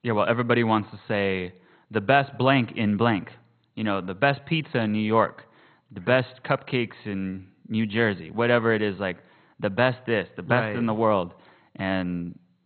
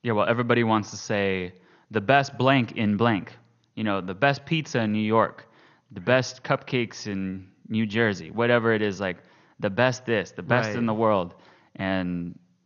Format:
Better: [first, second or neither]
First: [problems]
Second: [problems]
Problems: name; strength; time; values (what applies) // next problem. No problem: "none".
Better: second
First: garbled, watery; badly; nothing above 4 kHz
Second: garbled, watery; slightly; nothing above 6.5 kHz